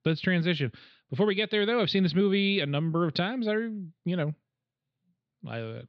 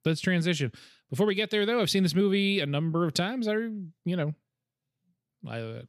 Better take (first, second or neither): second